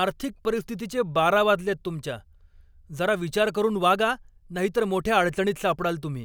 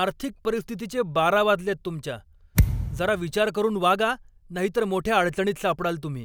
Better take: first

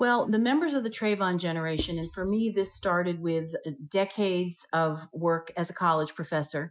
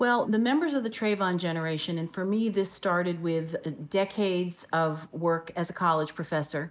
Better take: second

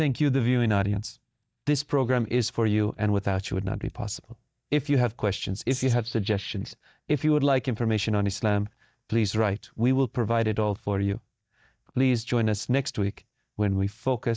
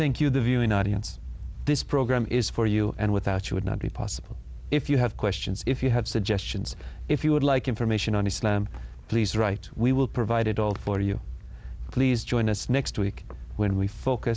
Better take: second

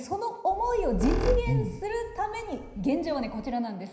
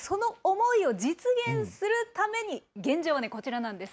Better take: second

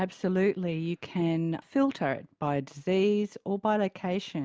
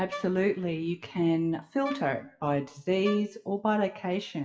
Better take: first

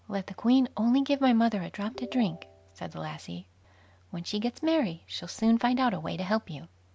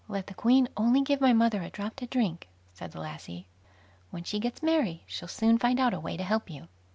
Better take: second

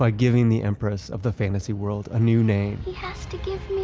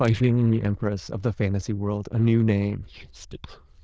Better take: first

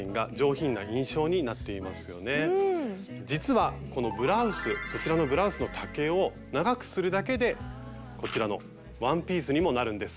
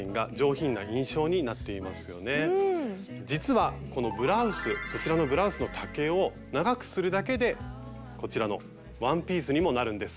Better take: second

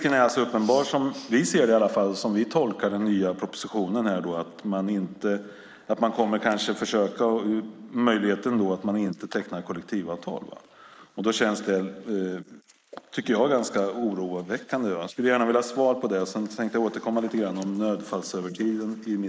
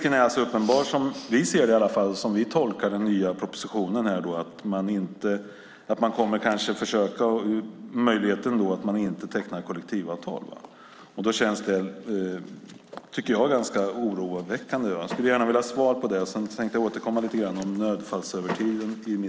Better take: second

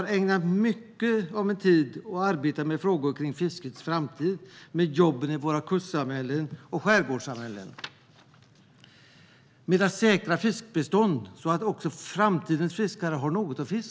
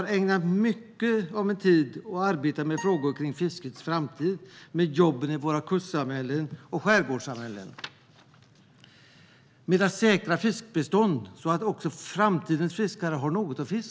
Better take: first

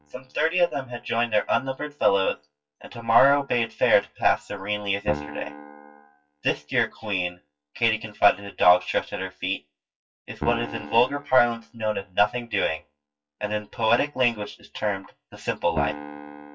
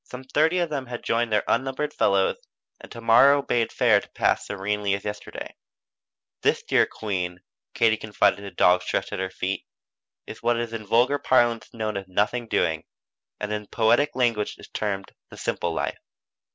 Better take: second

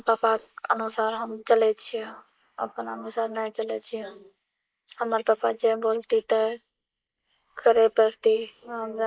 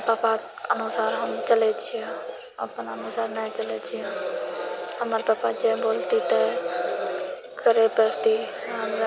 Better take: second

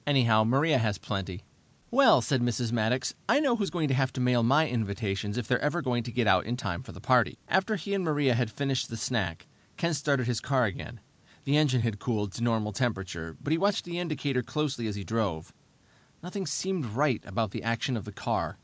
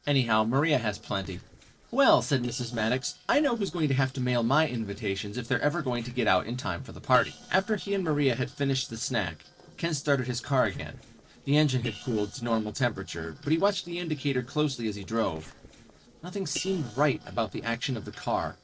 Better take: first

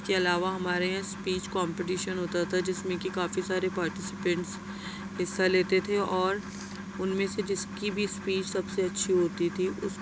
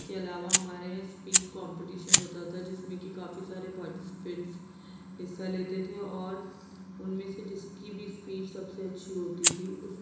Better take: first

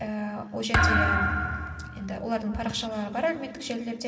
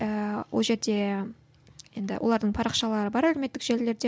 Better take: second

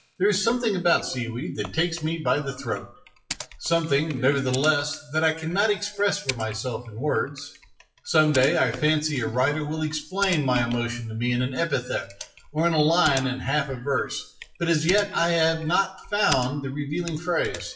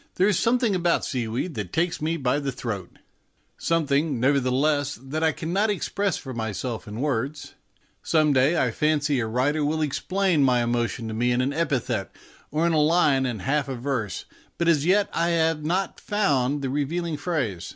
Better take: second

